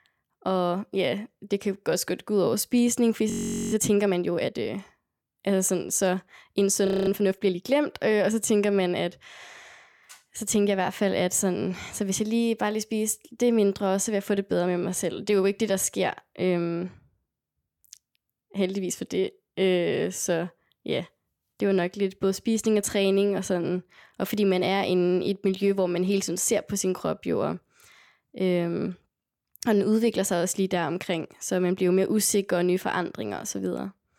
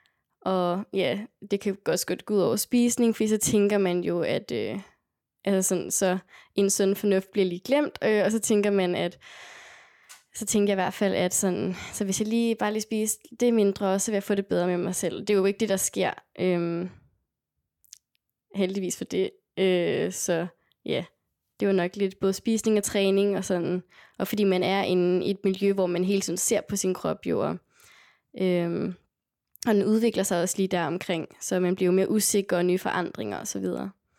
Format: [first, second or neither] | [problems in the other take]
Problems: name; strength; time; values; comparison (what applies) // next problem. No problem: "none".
second | audio freezing; at 3.5 s and at 7 s